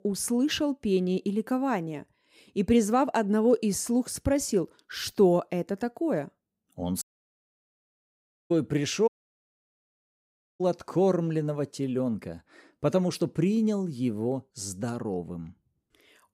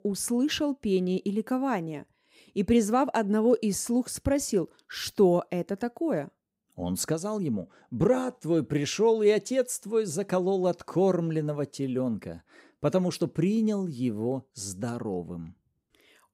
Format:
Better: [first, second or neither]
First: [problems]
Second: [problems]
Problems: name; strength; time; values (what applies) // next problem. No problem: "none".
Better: second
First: audio cutting out; at 7 s for 1.5 s and at 9 s for 1.5 s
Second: none